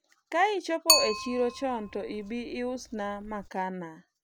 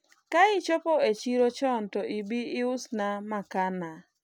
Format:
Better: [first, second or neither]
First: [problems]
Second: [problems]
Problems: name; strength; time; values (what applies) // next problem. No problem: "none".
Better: second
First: background sound (Bicycle); as loud as the speech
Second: none